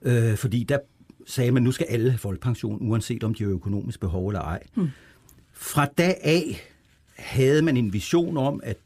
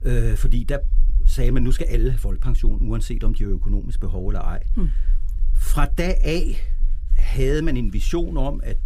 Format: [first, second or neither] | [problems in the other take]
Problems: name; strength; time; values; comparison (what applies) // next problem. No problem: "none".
first | low rumble; faint; throughout; 20 dB below the speech